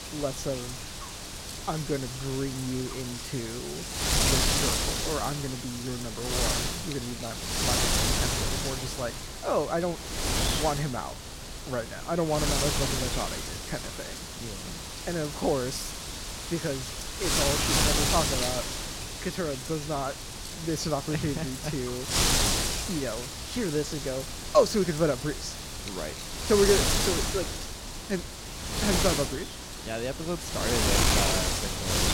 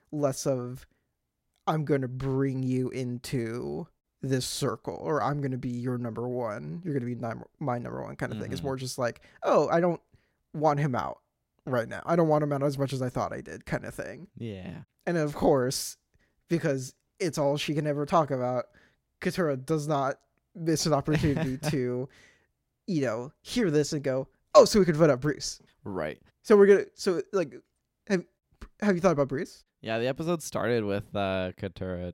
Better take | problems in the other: second | wind noise on the microphone; heavy; 2 dB above the speech

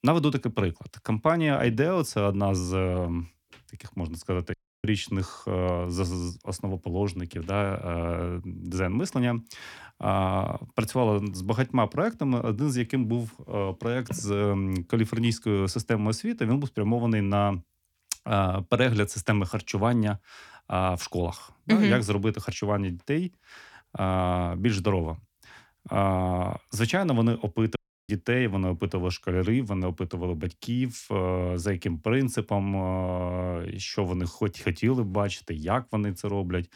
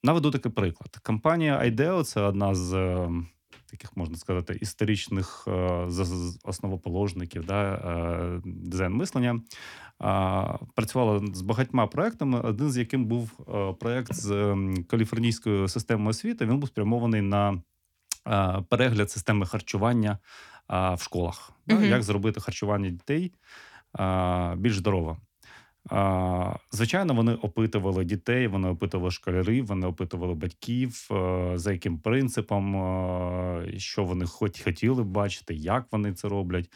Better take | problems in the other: second | audio cutting out; at 4.5 s and at 28 s

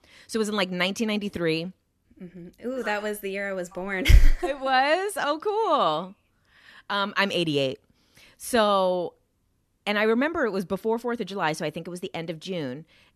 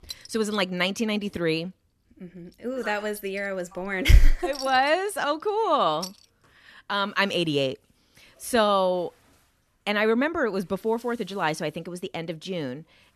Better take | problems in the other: first | household noises; noticeable; throughout; 20 dB below the speech

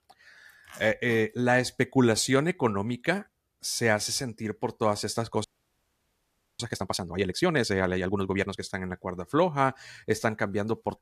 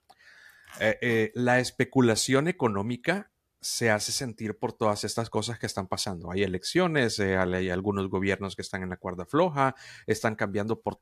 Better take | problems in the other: second | audio freezing; at 5.5 s for 1 s

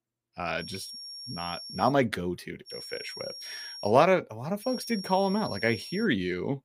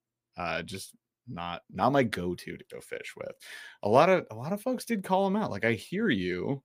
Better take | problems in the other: second | high-pitched whine; noticeable; from 0.5 to 2 s, from 2.5 to 4 s and from 4.5 to 6 s; 5.5 kHz, 10 dB below the speech

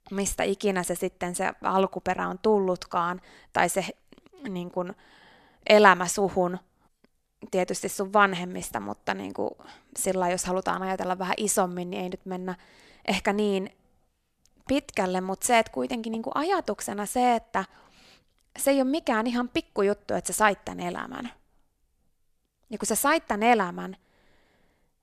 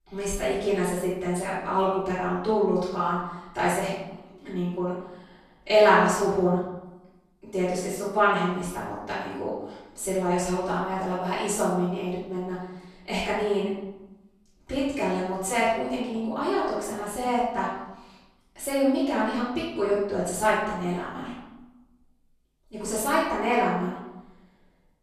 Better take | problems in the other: first | off-mic speech; far // room echo; noticeable; dies away in 0.9 s

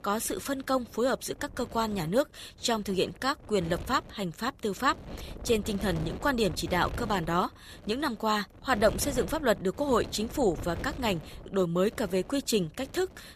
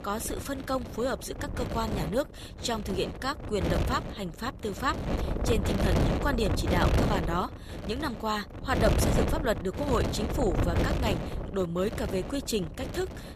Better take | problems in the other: first | wind noise on the microphone; heavy; 4 dB below the speech; occasional gusts in the first

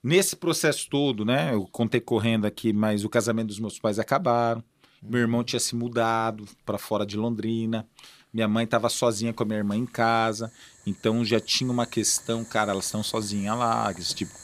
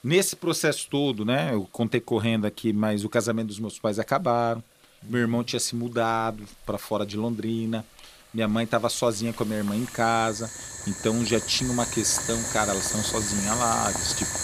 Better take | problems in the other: first | household noises; loud; throughout; 3 dB below the speech; faint in the first

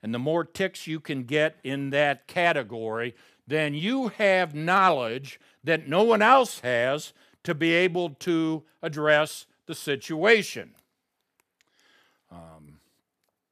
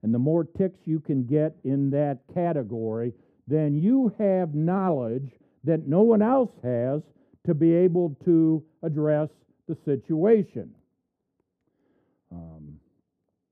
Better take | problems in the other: first | muffled; very; fading above 1 kHz

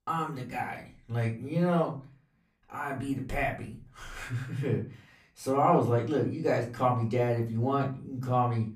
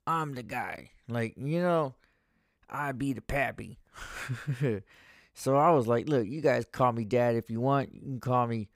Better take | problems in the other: second | off-mic speech; far // room echo; slight; dies away in 0.3 s

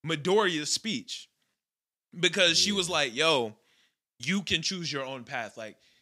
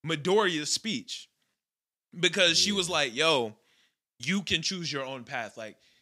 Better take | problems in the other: neither | none

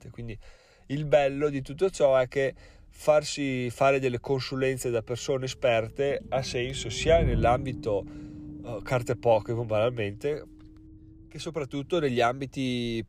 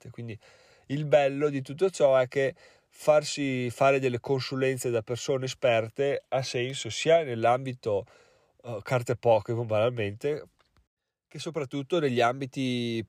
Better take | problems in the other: second | low rumble; faint; throughout; 20 dB below the speech

